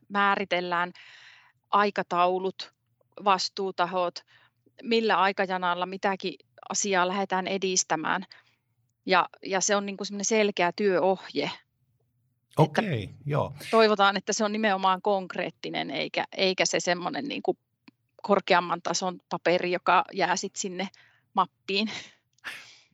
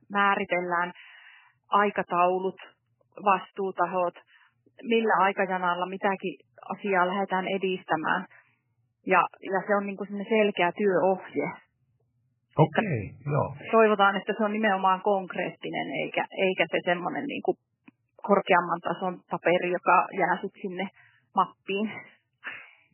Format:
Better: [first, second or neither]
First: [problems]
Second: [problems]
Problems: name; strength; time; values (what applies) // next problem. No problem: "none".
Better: first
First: none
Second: garbled, watery; badly; nothing above 3 kHz